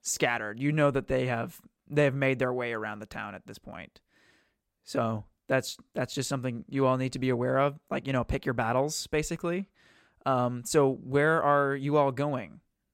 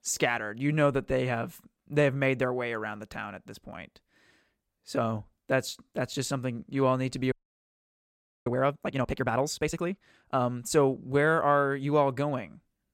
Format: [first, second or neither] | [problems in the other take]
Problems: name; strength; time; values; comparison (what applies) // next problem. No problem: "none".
first | audio freezing; at 7.5 s for 1 s